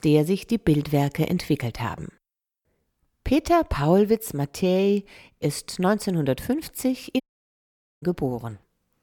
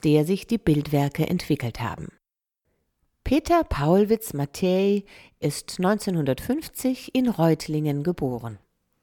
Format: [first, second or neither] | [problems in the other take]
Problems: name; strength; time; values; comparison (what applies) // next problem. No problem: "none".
second | audio cutting out; at 7 s for 1 s